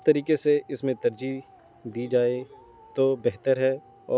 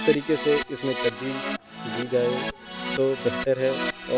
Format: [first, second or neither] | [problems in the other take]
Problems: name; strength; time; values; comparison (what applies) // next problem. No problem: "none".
first | background sound (Keyboard (musical)); 6 dB below the speech